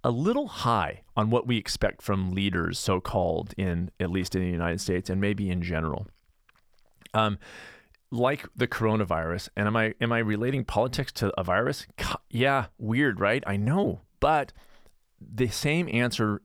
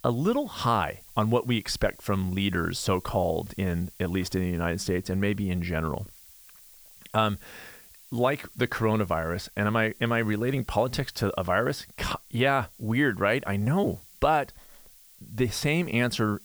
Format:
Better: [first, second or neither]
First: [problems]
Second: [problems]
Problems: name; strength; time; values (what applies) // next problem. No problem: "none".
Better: first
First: none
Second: hiss; faint; throughout; 20 dB below the speech